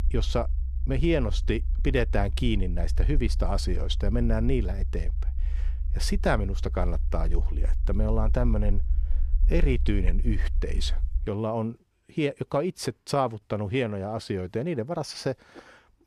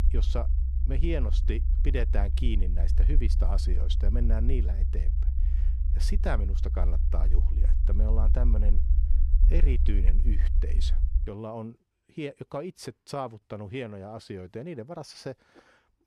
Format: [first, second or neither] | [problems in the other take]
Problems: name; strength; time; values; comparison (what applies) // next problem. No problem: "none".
first | low rumble; loud; until 11 s; 9 dB below the speech; faint in the first